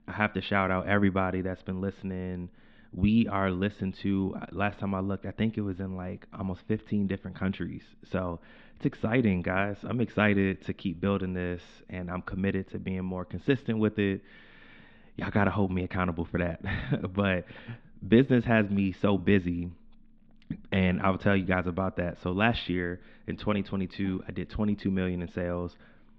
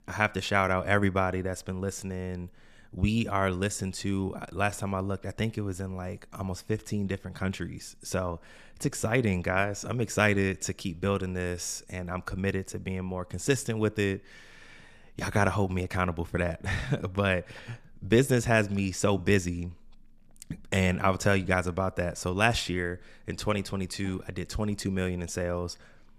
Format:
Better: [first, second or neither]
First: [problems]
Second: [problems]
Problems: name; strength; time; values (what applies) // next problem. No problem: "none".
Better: second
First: muffled; very; fading above 3.5 kHz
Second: none